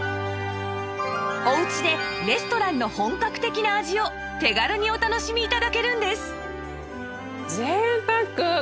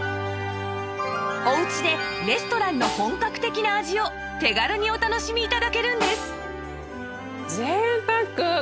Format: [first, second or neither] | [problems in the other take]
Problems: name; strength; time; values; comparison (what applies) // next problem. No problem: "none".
first | background sound (Snare drum); 12 dB below the speech